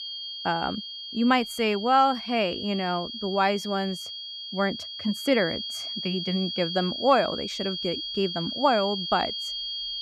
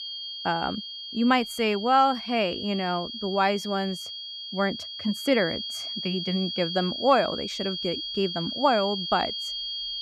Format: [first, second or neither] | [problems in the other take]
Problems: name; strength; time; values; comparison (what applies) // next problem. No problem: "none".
neither | high-pitched whine; loud; throughout; 3.5 kHz, 6 dB below the speech; the same in both